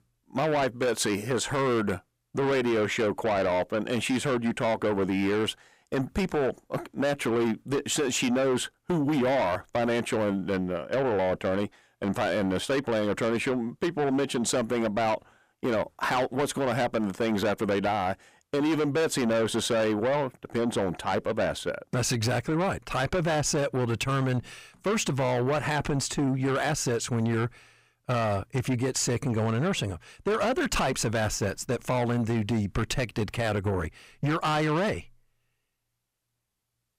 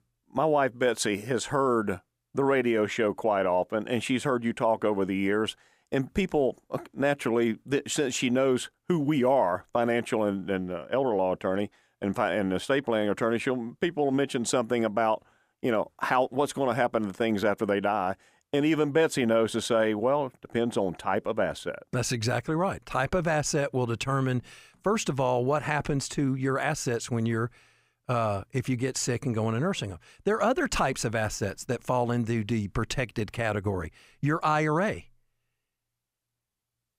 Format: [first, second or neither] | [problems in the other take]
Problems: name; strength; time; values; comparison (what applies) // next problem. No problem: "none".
second | distortion; heavy; 8 dB below the speech